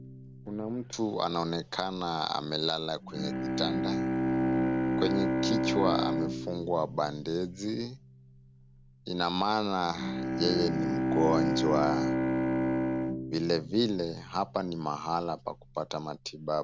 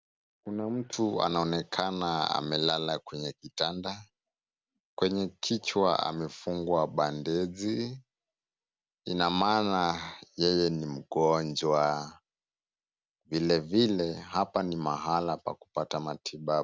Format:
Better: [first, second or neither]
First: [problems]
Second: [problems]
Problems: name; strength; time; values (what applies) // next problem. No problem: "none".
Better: second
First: background sound (Bowed string instrument); as loud as the speech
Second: none